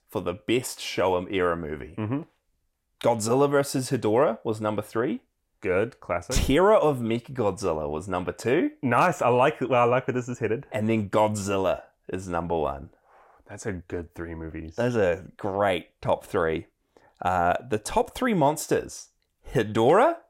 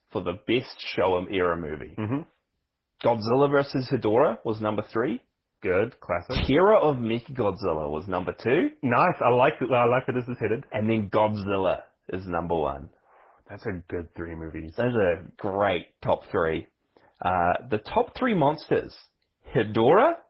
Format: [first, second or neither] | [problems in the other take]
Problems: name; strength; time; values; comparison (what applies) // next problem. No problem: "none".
first | garbled, watery; badly; nothing above 5 kHz